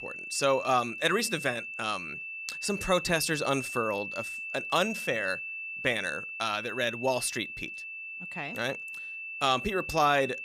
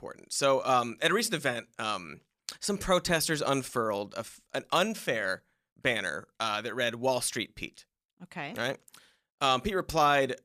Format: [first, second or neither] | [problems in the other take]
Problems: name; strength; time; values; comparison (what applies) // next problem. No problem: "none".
second | high-pitched whine; loud; throughout; 2.5 kHz, 7 dB below the speech